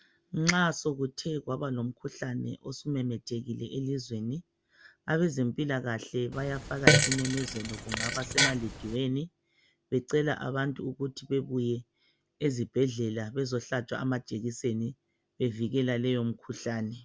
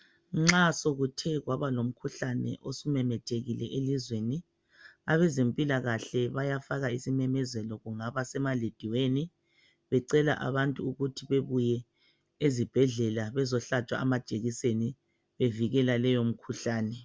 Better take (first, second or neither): second